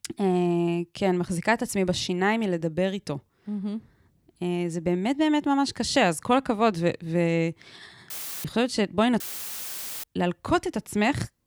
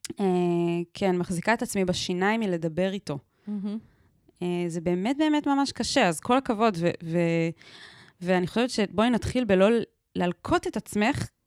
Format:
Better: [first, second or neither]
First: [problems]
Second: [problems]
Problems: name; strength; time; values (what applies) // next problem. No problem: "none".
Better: second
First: audio cutting out; filled with static; at 8 s and at 9 s for 1 s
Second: none